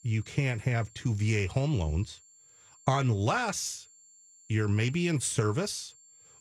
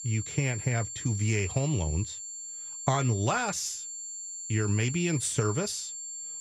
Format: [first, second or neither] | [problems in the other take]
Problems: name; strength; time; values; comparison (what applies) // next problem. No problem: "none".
first | high-pitched whine; loud; throughout; 7.5 kHz, 7 dB below the speech; faint in the first